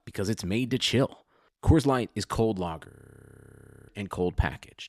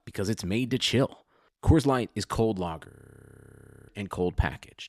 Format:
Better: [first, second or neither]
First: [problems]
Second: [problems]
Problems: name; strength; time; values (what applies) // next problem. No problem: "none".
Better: neither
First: audio freezing; at 3 s for 1 s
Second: audio freezing; at 3 s for 1 s